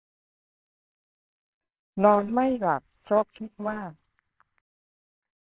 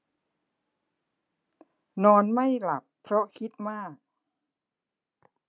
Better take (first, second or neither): second